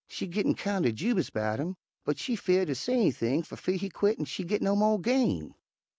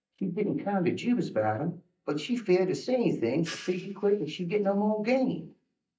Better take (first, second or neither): first